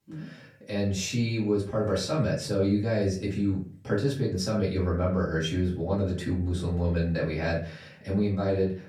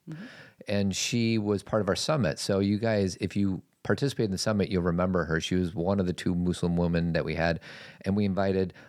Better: second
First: room echo; slight; dies away in 0.4 s // off-mic speech; far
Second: none

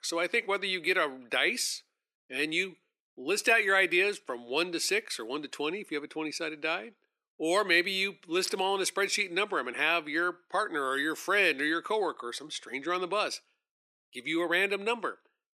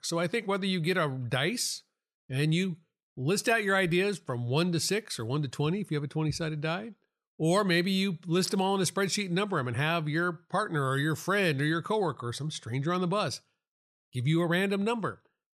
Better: second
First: thin; very; fading below 250 Hz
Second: none

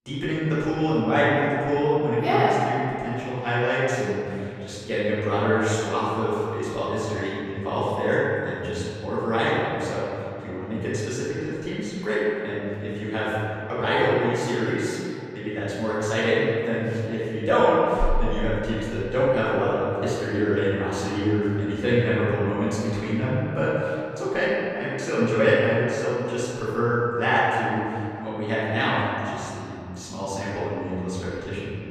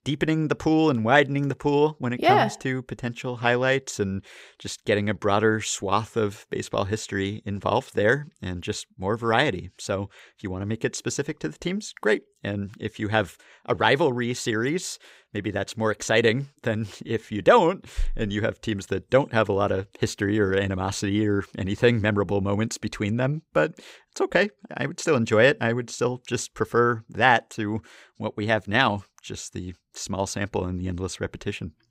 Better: second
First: room echo; strong; dies away in 2.4 s // off-mic speech; far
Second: none

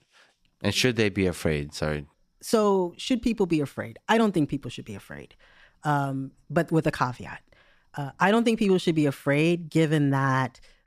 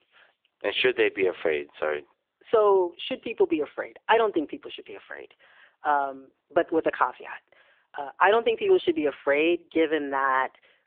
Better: first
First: none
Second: phone-call audio

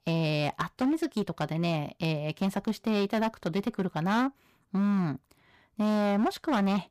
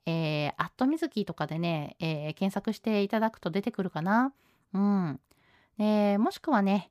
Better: second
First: distortion; slight; 13% of the sound clipped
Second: none

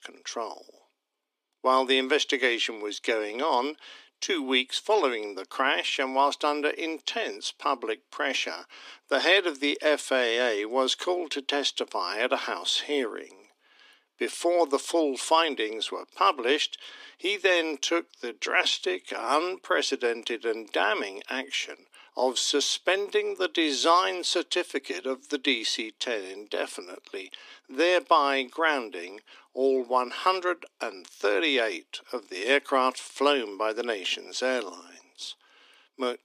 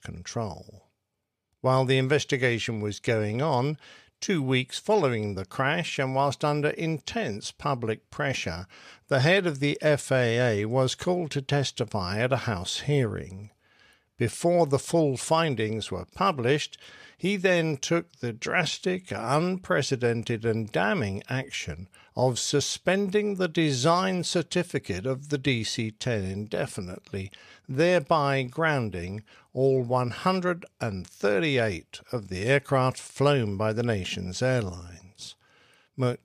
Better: second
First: thin; somewhat; fading below 250 Hz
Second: none

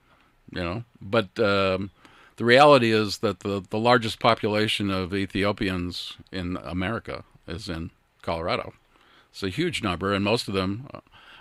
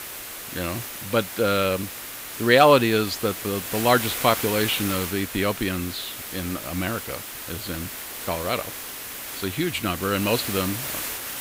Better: first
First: none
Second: hiss; loud; throughout; 7 dB below the speech

